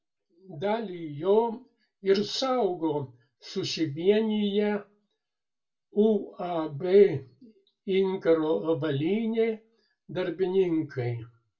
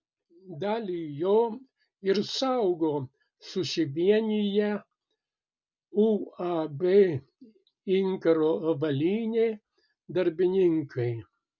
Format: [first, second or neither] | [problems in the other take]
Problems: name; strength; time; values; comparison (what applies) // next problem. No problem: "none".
second | room echo; dies away in 0.2 s